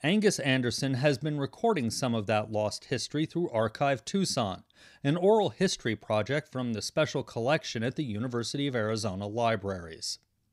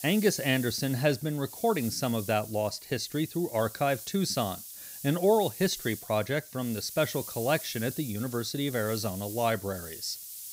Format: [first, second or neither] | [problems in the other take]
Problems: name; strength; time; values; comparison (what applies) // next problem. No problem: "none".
first | hiss; noticeable; throughout; 10 dB below the speech